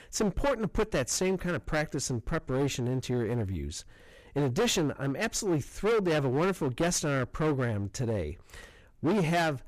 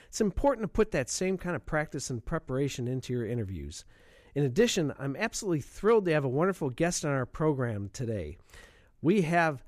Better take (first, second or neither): second